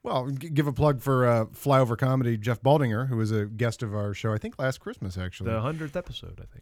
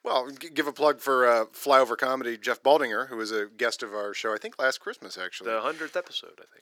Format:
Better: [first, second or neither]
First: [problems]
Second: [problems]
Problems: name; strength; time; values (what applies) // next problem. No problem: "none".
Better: first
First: none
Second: thin; very; fading below 350 Hz